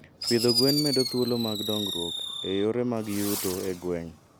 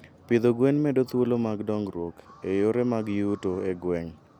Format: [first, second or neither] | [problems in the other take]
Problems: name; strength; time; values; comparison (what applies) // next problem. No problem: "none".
second | background sound (Fireworks); 5 dB below the speech